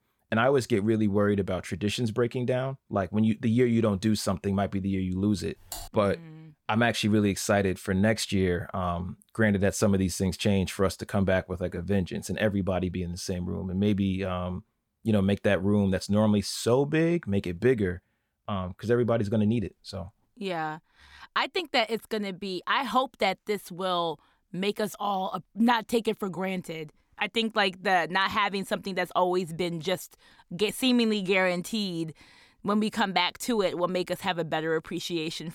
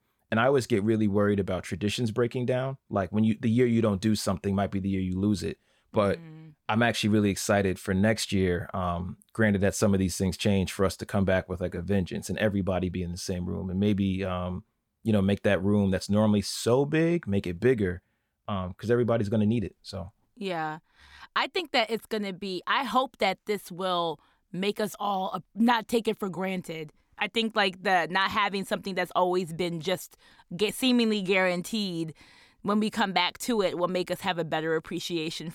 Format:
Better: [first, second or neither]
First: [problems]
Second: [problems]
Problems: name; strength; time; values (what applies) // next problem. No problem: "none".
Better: second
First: keyboard typing; faint; at 5.5 s; peak 10 dB below the speech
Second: none